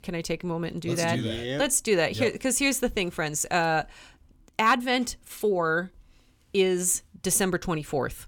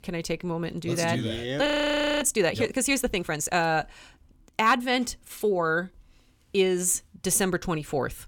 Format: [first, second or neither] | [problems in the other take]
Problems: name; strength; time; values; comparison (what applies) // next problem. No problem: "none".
first | audio freezing; at 1.5 s for 0.5 s